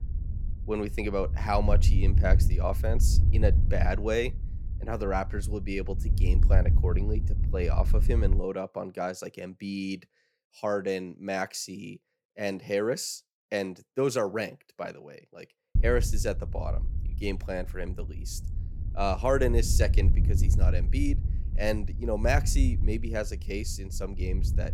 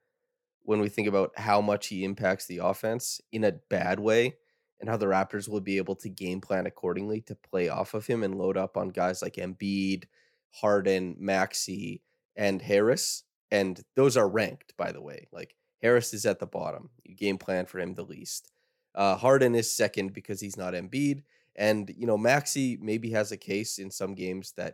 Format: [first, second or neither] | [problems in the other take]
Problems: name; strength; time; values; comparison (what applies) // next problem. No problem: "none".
second | wind noise on the microphone; occasional gusts; until 8.5 s and from 16 s on; 15 dB below the speech